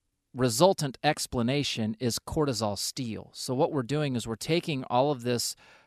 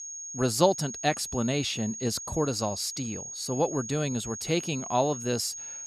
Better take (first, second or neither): first